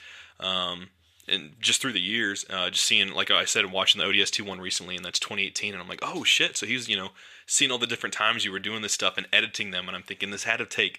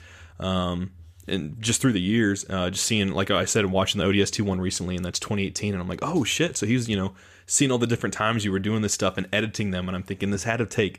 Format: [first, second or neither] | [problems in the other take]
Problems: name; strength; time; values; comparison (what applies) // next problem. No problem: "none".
second | thin; somewhat; fading below 700 Hz